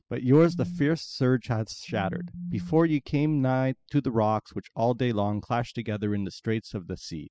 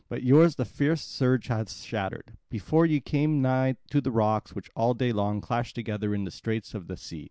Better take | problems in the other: second | noise reduction (classical method spectral subtraction)

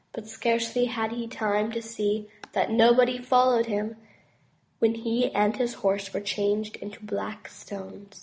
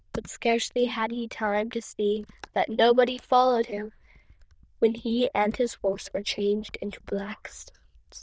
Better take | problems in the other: first | noise reduction (neural diffusion model UNIVERSE++)

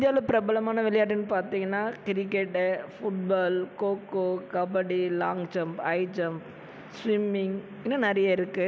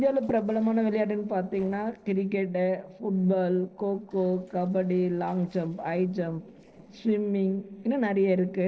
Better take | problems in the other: first | noise reduction (neural separator model SepFormer DNS4)

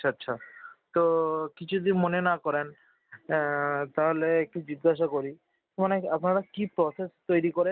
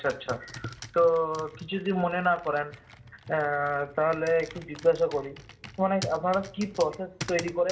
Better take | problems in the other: first | background sound (Computer keyboard); 16 dB below the speech // room echo; dies away in 0.5 s

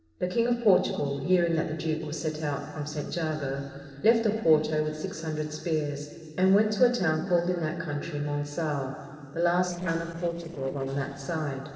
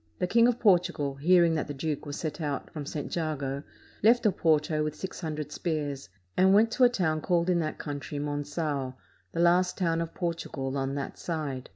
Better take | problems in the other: second | noise reduction (neural separator model SepFormer DNS4)

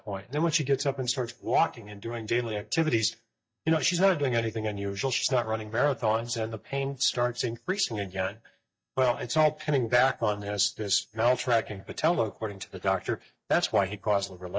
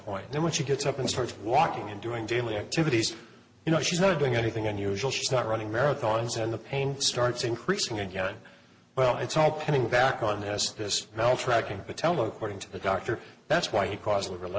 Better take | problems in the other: second | noise reduction (neural mask model DeepFilterNet 3)

